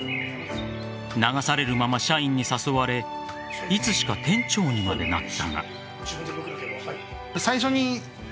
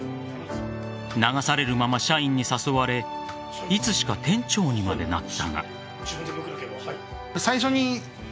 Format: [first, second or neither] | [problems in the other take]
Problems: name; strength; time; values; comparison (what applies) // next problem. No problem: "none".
second | background sound (Bird); 12 dB below the speech